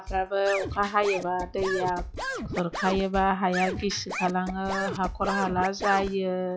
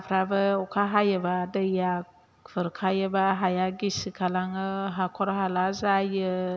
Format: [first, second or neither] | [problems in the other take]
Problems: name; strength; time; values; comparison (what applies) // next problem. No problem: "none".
second | noise reduction (classical method log-MMSE)